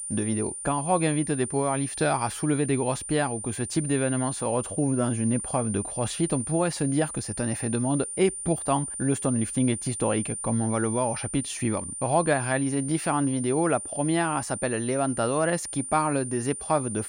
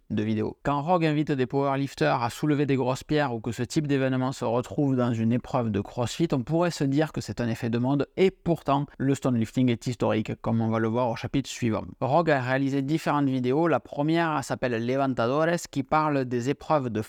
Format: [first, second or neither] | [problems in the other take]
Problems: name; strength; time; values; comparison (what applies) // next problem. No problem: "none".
second | high-pitched whine; loud; throughout; 9 kHz, 6 dB below the speech